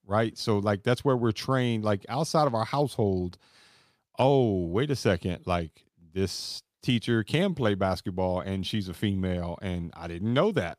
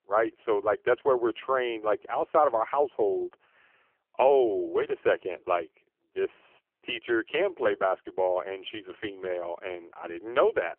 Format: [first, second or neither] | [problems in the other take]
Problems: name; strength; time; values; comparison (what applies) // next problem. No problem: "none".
first | phone-call audio; poor line; nothing above 3 kHz